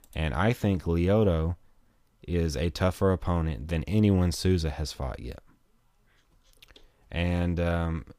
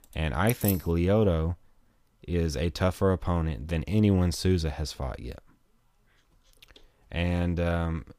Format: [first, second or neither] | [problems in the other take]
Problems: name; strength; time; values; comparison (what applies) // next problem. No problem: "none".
first | jangling keys; noticeable; at 0.5 s; peak 5 dB below the speech